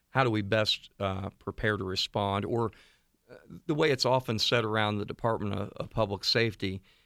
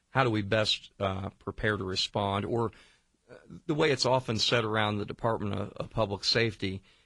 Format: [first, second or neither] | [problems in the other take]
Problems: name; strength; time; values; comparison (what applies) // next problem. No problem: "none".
first | garbled, watery; slightly; nothing above 10 kHz